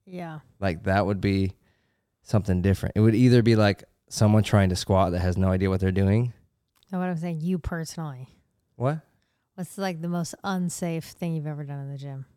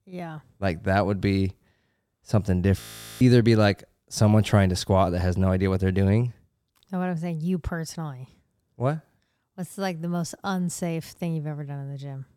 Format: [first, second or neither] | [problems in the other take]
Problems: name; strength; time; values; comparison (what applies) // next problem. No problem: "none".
first | audio freezing; at 3 s